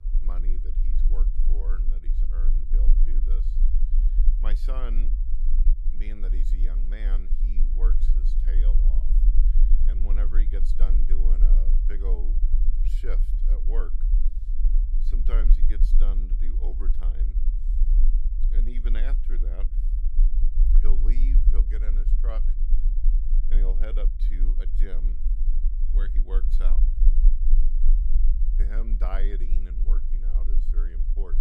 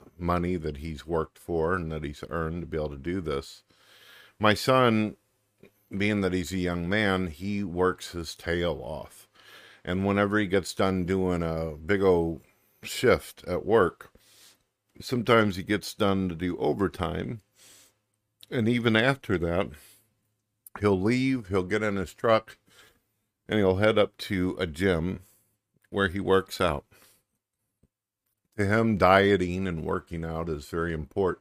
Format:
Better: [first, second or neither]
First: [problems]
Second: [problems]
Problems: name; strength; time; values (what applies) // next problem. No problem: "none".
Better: second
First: low rumble; loud; throughout; 6 dB below the speech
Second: none